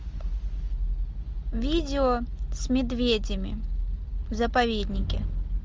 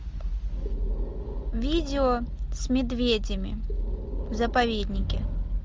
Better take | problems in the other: first | background sound (Breathing); 17 dB below the speech

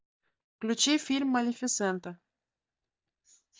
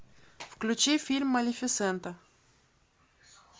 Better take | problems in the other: second | noise reduction (neural mask model DeepFilterNet 3)

